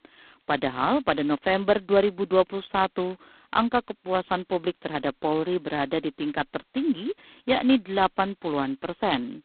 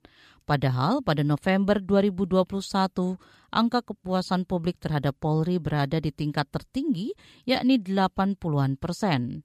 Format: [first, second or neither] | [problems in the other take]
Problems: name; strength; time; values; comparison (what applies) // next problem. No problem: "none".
second | phone-call audio; poor line; nothing above 4 kHz